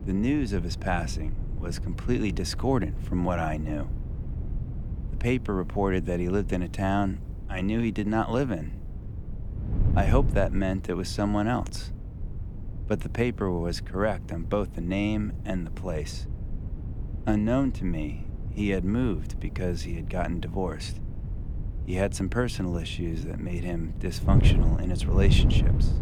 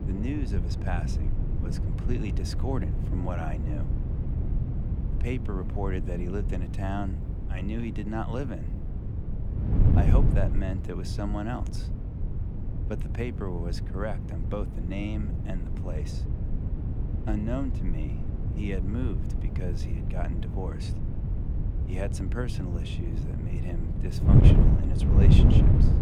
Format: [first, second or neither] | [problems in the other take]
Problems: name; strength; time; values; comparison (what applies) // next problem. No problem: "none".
first | wind noise on the microphone; heavy; 2 dB below the speech; occasional gusts in the first